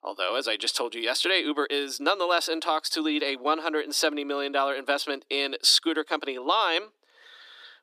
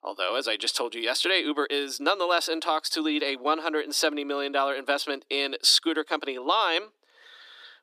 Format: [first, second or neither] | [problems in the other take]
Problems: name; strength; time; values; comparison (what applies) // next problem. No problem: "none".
neither | thin; very slightly; fading below 300 Hz; the same in both